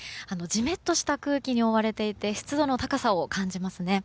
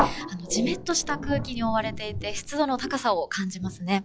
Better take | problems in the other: first | noise reduction (classical method log-MMSE)

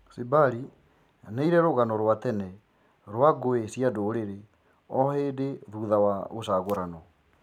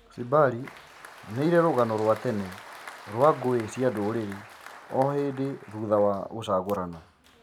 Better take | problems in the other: first | background sound (Applause); 19 dB below the speech

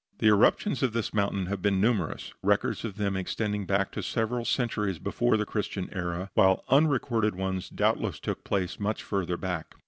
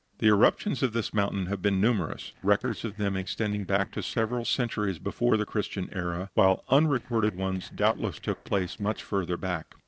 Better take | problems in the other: first | noise reduction (neural separator model SepFormer DNS4)

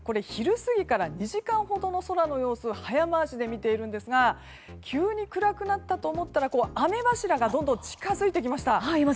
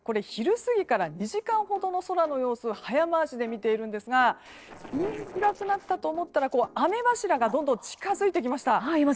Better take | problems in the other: first | noise reduction (neural separator model SepFormer DNS4)

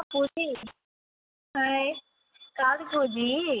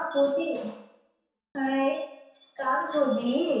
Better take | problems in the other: first | room echo; dies away in 0.7 s

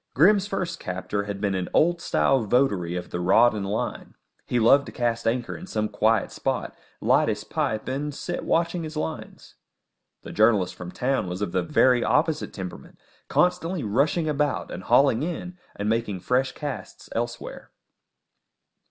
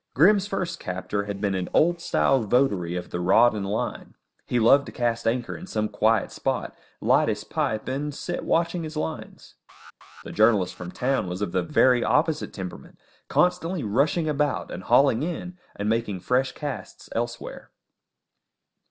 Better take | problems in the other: first | noise reduction (neural separator model SepFormer DNS4)

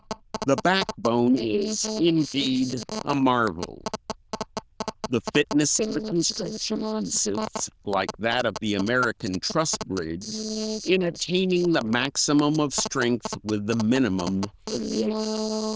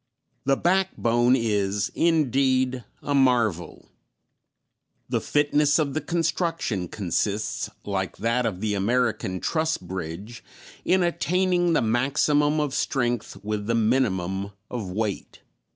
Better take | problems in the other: second | noise reduction (neural diffusion model UNIVERSE++)

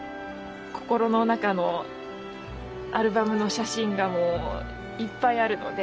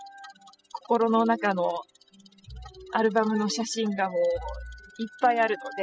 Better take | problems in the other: first | noise reduction (classical method spectral subtraction)

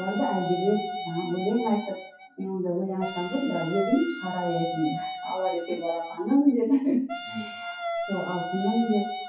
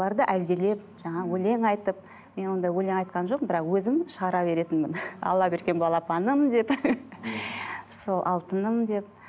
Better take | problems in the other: second | noise reduction (classical method WPE with log-MMSE)

